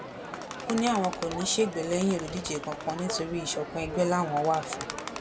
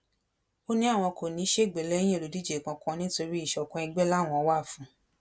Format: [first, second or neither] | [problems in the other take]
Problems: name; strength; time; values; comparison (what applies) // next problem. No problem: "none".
second | background sound (Crowd); 8 dB below the speech